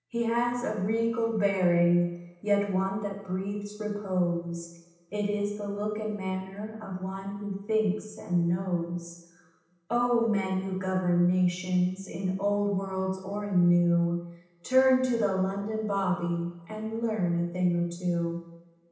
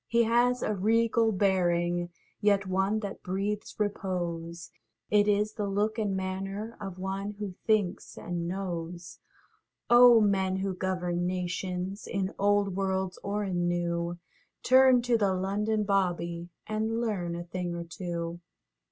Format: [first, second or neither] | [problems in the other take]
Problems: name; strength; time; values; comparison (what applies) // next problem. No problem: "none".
second | room echo; dies away in 0.9 s